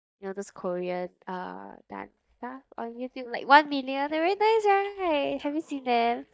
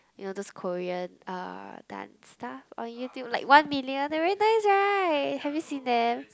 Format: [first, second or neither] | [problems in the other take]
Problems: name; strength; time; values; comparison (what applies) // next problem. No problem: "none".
second | noise reduction (neural mask model DeepFilterNet 3)